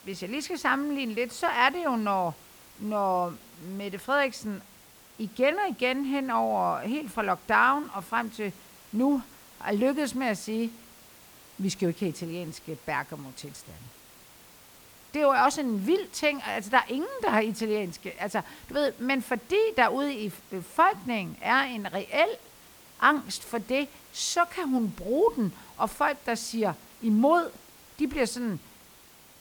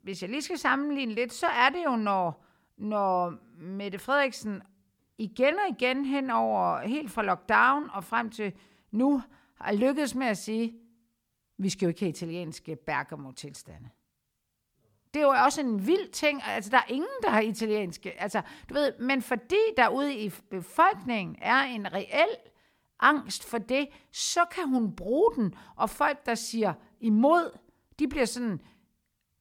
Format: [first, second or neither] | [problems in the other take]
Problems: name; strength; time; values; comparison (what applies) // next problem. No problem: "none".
second | hiss; faint; throughout; 25 dB below the speech